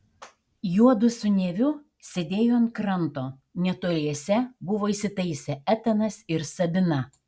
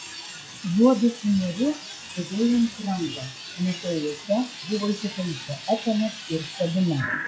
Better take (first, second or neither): first